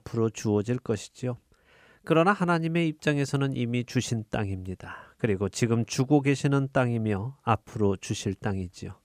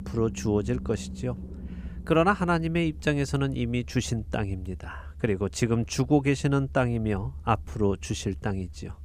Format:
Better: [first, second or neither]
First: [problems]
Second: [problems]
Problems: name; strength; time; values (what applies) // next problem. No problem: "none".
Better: first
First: none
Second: low rumble; faint; throughout; 25 dB below the speech